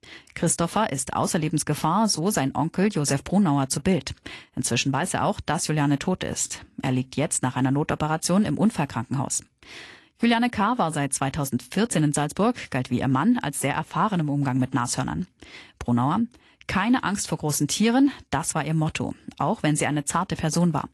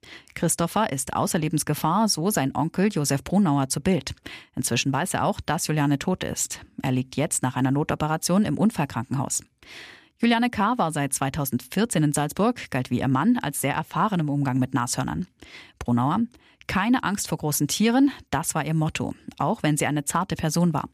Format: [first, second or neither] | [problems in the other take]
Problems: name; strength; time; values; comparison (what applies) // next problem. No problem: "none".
second | garbled, watery; slightly; nothing above 11.5 kHz